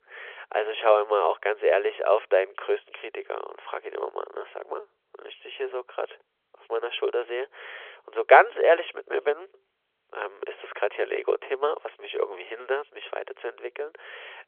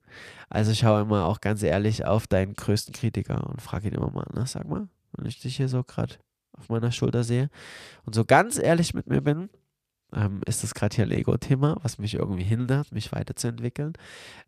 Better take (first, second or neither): second